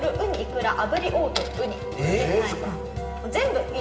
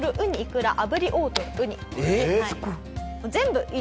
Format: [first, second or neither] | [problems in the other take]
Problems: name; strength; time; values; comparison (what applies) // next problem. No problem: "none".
second | background sound (Wind instrument, woodwind instrument); 10 dB below the speech // room echo; dies away in 1.7 s